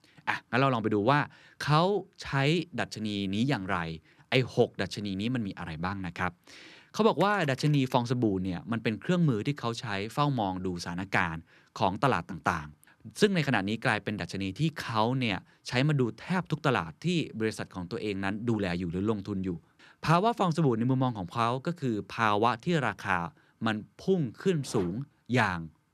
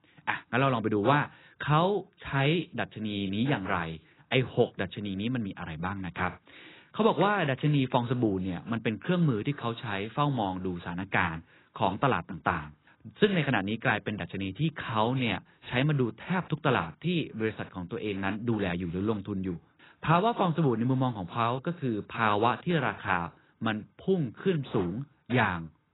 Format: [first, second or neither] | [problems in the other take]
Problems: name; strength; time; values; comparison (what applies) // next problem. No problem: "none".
first | garbled, watery; badly; nothing above 4 kHz